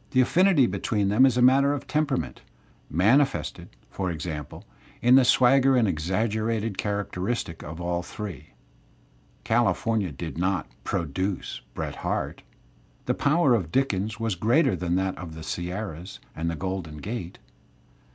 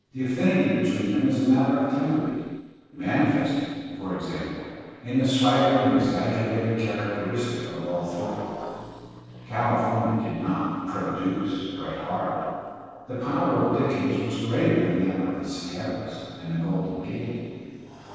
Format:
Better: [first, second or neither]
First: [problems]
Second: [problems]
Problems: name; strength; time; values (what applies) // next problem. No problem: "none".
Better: first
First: none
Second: noise reduction (neural separator model SepFormer DNS4)